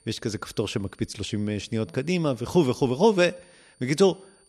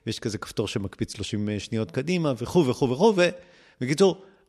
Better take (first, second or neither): second